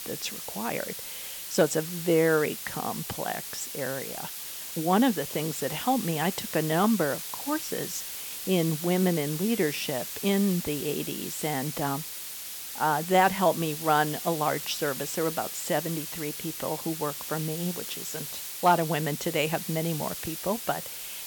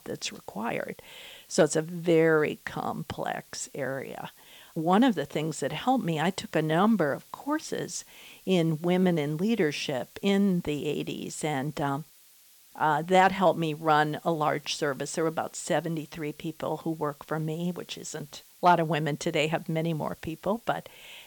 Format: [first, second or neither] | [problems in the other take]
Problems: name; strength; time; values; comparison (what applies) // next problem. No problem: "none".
second | hiss; loud; throughout; 6 dB below the speech; faint in the second